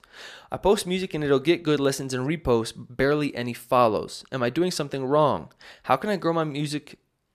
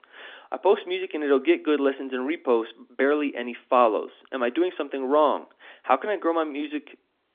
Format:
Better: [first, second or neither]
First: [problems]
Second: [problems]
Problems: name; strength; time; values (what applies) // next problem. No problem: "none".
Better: first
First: none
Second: phone-call audio; nothing above 3.5 kHz